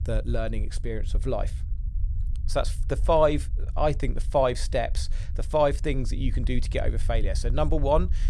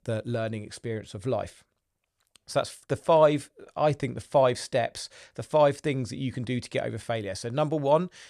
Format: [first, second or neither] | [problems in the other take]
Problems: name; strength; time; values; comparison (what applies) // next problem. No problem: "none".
second | low rumble; faint; throughout; 25 dB below the speech